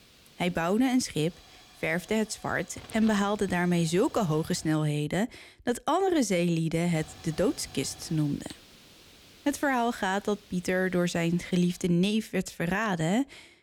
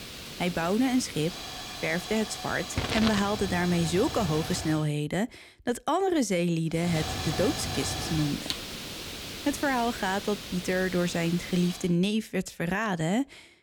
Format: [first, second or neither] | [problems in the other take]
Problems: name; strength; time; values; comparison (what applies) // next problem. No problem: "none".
first | hiss; loud; until 5 s and from 7 to 12 s; 6 dB below the speech; faint in the first